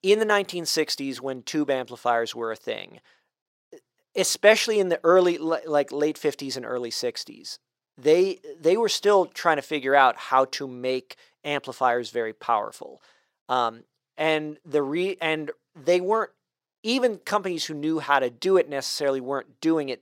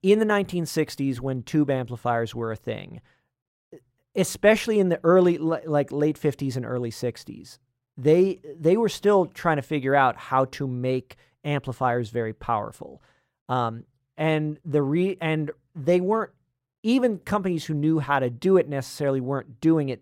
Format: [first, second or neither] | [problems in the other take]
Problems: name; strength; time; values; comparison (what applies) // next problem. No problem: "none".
second | thin; somewhat; fading below 400 Hz